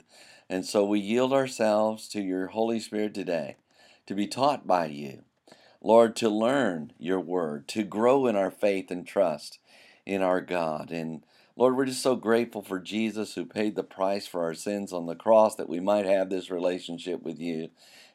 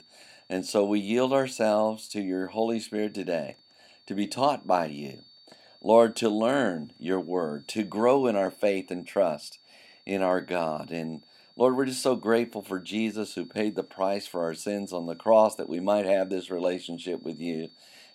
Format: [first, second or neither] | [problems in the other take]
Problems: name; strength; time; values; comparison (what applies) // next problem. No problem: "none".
first | high-pitched whine; faint; throughout; 4.5 kHz, 30 dB below the speech